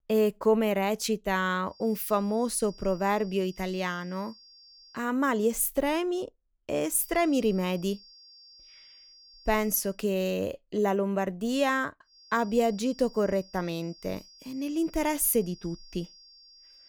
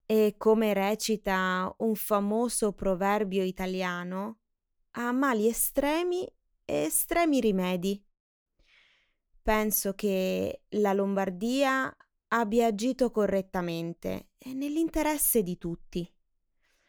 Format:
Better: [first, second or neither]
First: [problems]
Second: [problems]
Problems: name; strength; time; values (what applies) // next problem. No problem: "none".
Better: second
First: high-pitched whine; faint; from 1.5 to 5 s, from 7 to 10 s and from 12 s on; 5 kHz, 25 dB below the speech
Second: none